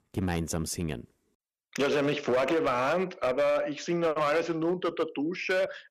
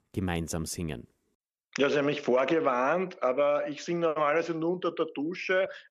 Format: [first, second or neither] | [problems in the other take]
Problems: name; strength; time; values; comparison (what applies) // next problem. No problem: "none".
second | distortion; slight; 8% of the sound clipped